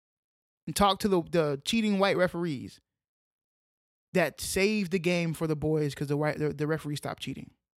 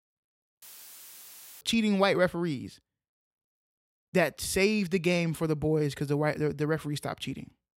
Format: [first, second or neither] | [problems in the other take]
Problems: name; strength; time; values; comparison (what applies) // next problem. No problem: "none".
first | audio cutting out; filled with static; at 0.5 s for 1 s